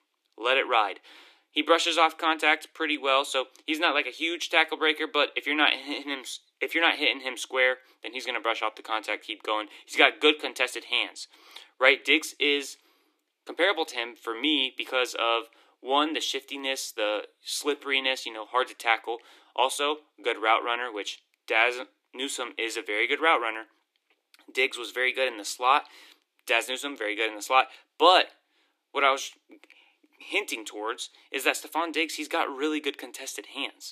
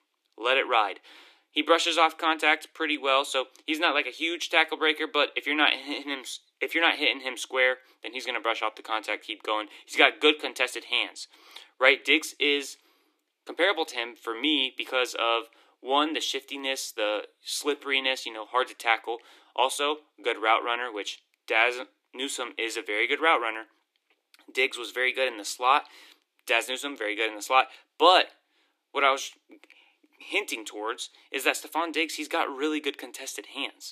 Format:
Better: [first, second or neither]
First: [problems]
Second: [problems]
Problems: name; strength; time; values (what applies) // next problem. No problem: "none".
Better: neither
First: thin; somewhat; fading below 300 Hz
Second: thin; somewhat; fading below 300 Hz